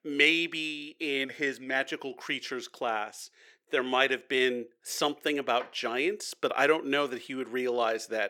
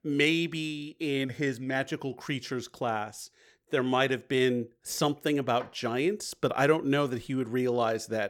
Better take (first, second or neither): second